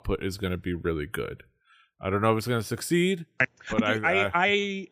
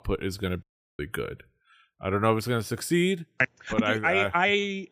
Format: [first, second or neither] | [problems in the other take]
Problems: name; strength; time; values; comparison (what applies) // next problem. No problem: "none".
first | audio cutting out; at 0.5 s